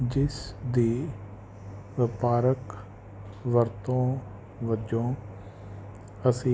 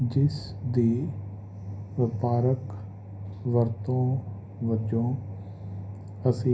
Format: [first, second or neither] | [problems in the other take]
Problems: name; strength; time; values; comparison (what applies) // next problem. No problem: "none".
first | room echo; dies away in 0.5 s